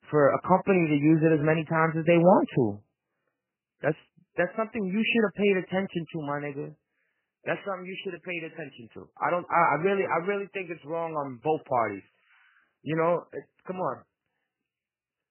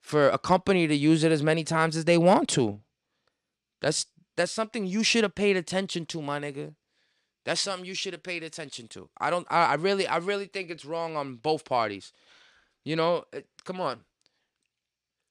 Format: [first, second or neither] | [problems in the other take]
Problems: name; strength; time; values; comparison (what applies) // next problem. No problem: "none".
second | garbled, watery; badly; nothing above 3 kHz